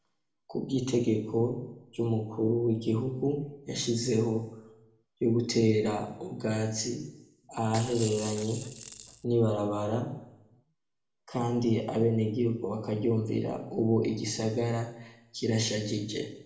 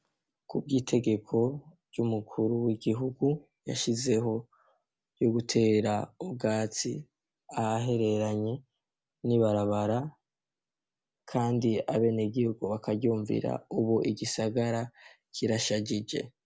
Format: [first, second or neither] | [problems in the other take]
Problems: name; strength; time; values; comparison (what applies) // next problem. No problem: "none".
second | background sound (Rattle / Rattle (instrument)); 12 dB below the speech // room echo; dies away in 0.7 s